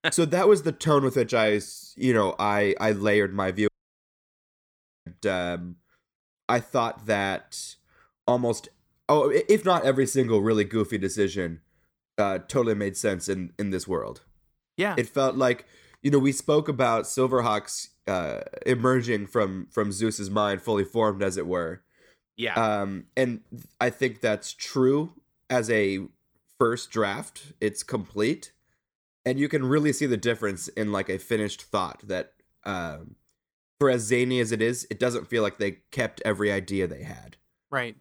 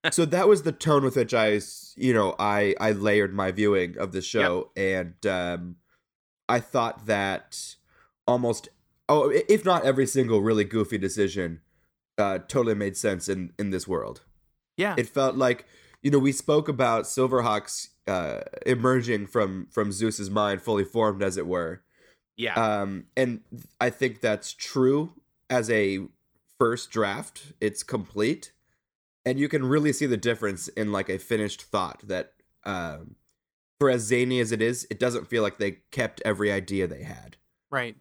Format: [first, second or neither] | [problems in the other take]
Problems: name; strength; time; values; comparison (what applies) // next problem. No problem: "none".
second | audio cutting out; at 3.5 s for 1.5 s